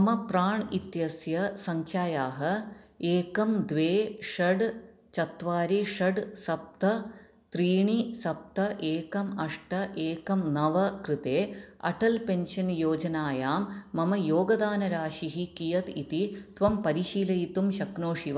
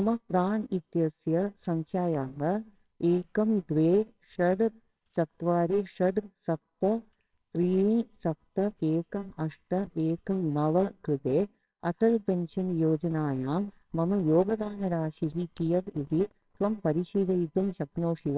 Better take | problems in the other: first | noise reduction (neural separator model SepFormer WHAMR!)

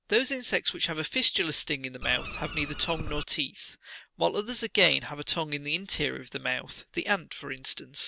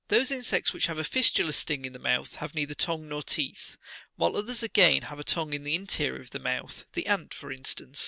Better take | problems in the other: second | background sound (Bird); 5 dB below the speech

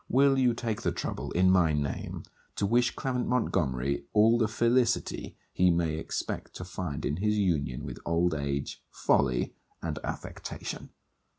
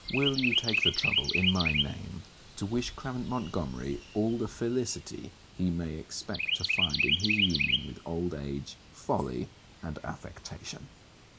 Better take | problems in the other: first | background sound (Chirp, tweet); as loud as the speech

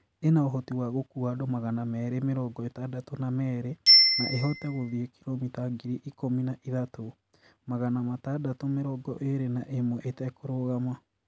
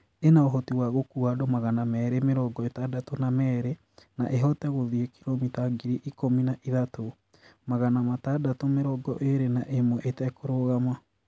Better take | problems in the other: second | background sound (Bicycle bell); 2 dB below the speech

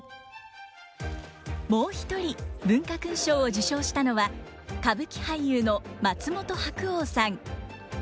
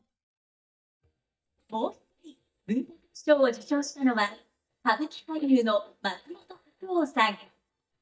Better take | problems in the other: first | noise reduction (neural mask model DeepFilterNet 3)

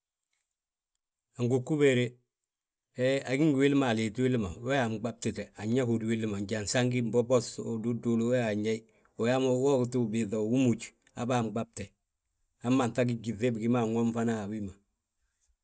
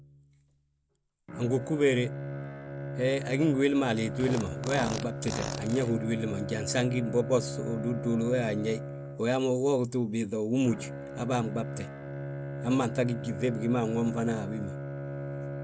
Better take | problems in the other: first | background sound (Fart + Bowed string instrument); 7 dB below the speech

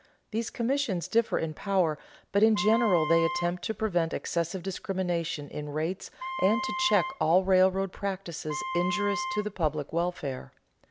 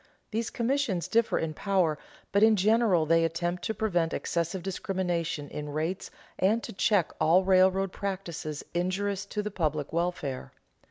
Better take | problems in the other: second | background sound (Wind instrument, woodwind instrument); 8 dB below the speech

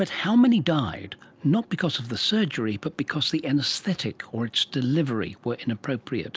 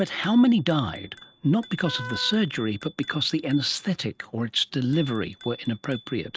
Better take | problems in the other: first | noise reduction (neural mask model RNNoise)

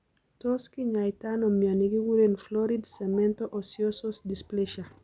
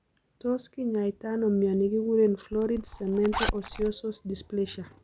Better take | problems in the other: first | background sound (Zipper (clothing)); 6 dB below the speech

